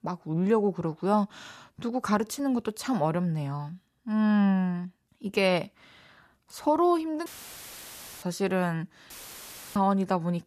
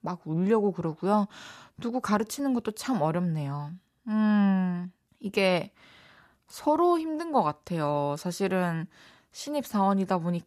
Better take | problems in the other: second | audio cutting out; filled with static; at 7.5 s for 1 s and at 9 s for 0.5 s

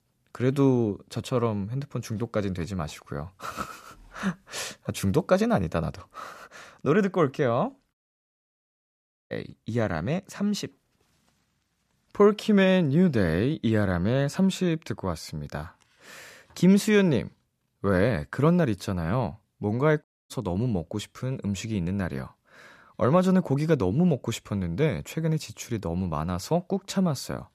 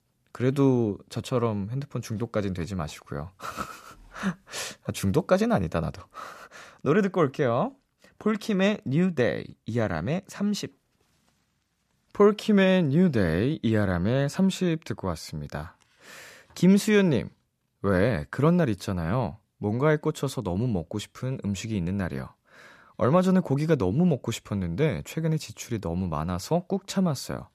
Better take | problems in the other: second | audio cutting out; at 8 s for 1.5 s and at 20 s

